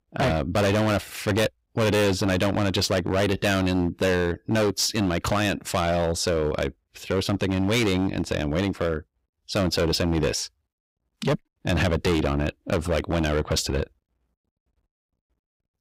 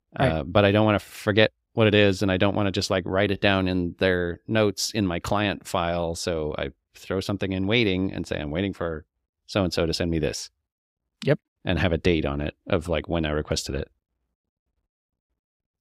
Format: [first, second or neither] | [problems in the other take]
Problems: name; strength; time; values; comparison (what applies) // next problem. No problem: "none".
second | distortion; heavy; 15% of the sound clipped